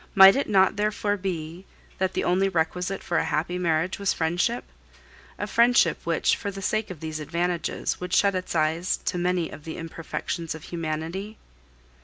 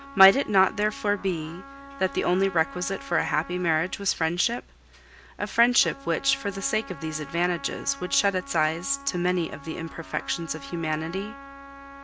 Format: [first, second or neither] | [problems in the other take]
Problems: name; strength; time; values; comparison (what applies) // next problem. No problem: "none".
first | background sound (Trumpet); 17 dB below the speech